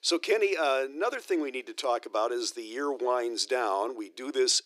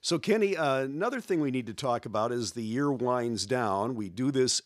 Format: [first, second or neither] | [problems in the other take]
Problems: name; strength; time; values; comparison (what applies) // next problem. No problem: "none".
second | thin; somewhat; fading below 300 Hz